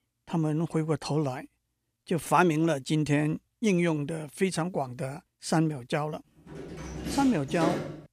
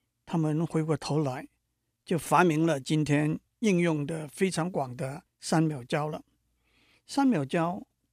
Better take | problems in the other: second | door banging; noticeable; from 6.5 s on; peak 2 dB below the speech

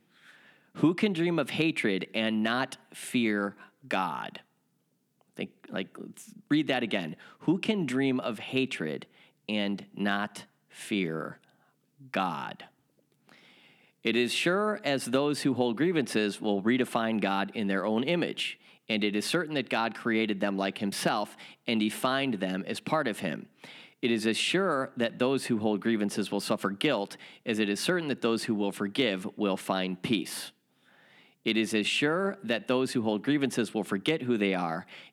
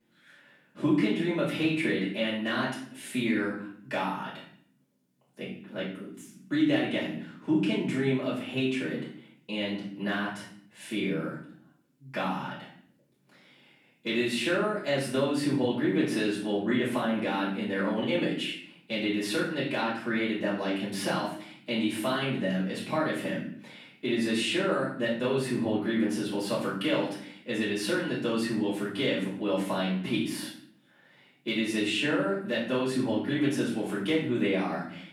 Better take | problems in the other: first | off-mic speech; far // room echo; noticeable; dies away in 0.5 s

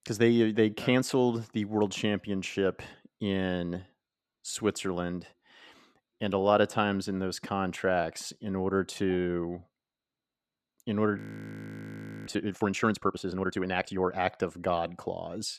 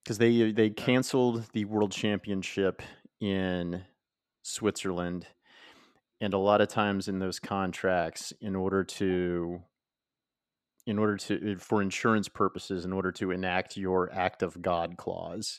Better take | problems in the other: second | audio freezing; at 11 s for 1 s

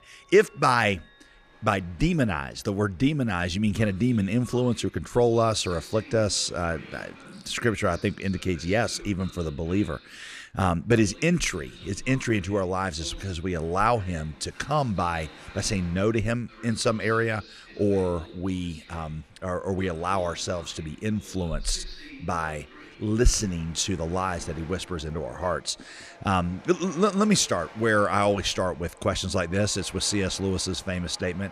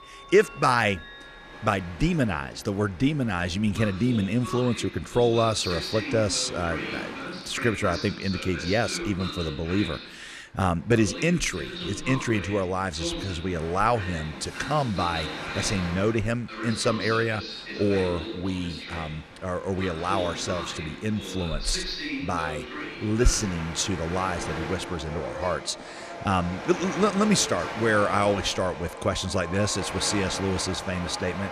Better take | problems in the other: first | train or aircraft noise; loud; throughout; 8 dB below the speech; faint in the first

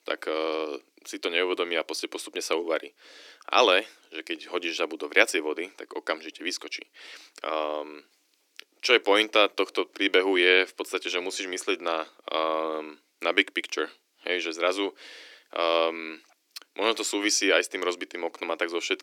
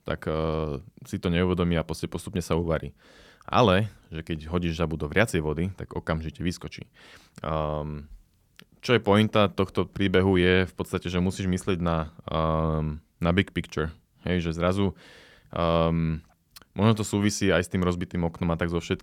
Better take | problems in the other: second | thin; very; fading below 300 Hz

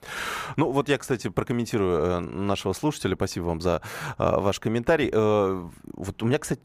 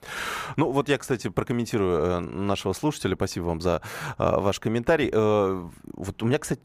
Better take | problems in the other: neither | none

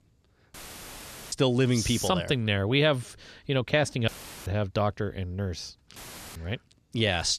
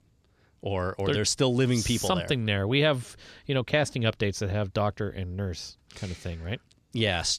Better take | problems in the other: second | audio cutting out; filled with static; at 0.5 s for 1 s, at 4 s and at 6 s

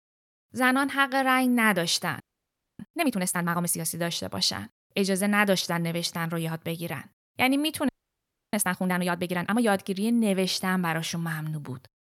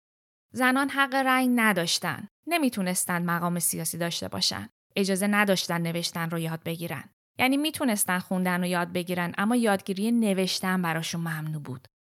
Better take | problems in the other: second | audio freezing; at 2 s for 0.5 s and at 8 s for 0.5 s

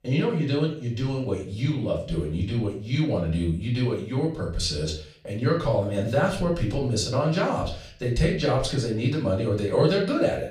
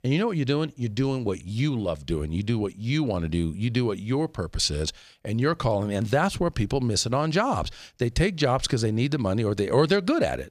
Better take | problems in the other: second | off-mic speech; far // room echo; slight; dies away in 0.4 s

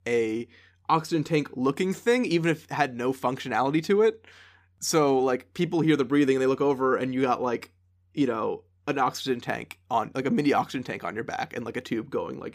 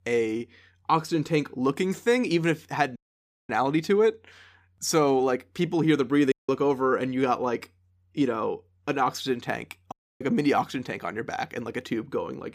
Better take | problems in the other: first | audio cutting out; at 3 s for 0.5 s, at 6.5 s and at 10 s

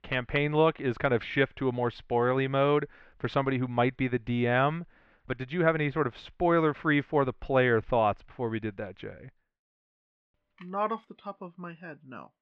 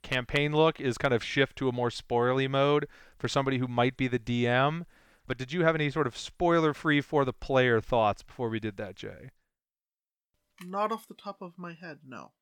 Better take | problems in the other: second | muffled; slightly; fading above 3 kHz

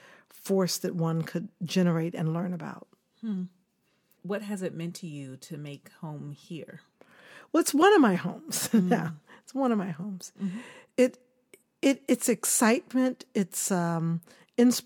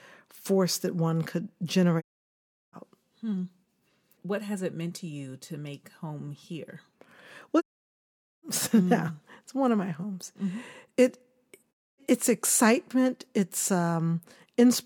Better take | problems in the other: first | audio cutting out; at 2 s for 0.5 s, at 7.5 s for 1 s and at 12 s

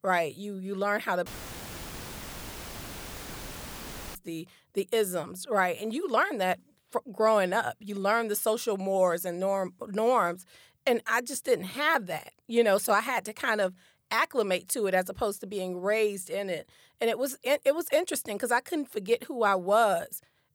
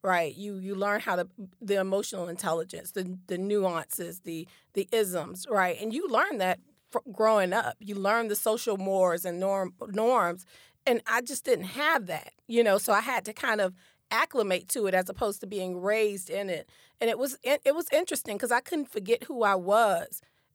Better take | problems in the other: second | audio cutting out; filled with static; at 1.5 s for 3 s

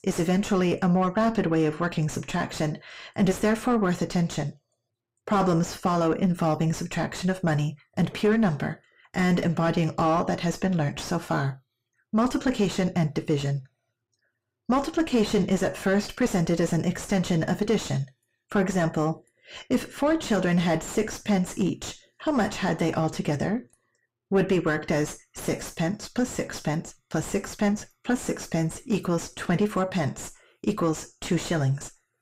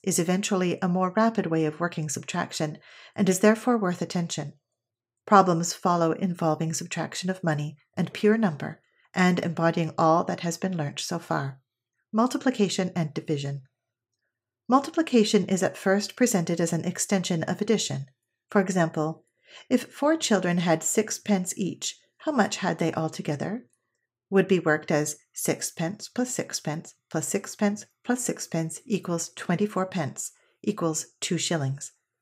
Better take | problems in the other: second | distortion; heavy; 5 dB below the speech

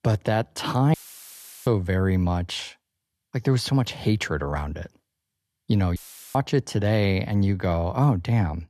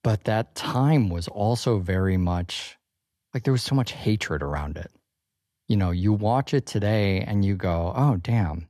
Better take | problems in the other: second | audio cutting out; filled with static; at 1 s for 0.5 s and at 6 s

